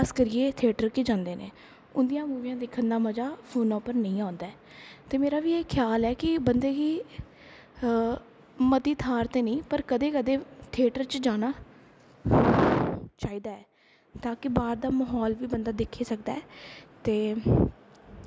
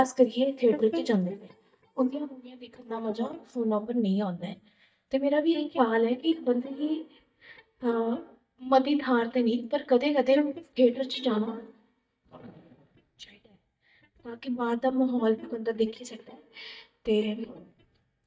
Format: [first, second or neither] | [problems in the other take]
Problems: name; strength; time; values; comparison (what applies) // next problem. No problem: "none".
first | noise reduction (neural mask model DeepFilterNet 3)